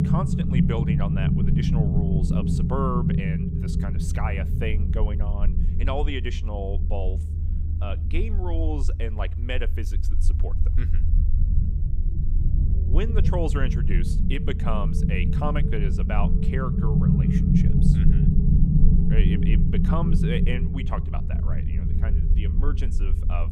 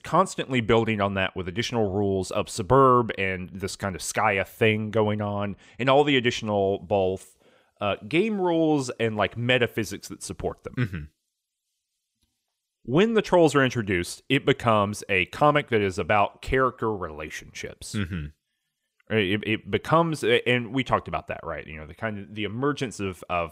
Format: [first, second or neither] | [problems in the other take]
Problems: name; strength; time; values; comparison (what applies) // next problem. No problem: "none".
second | low rumble; loud; throughout; 1 dB below the speech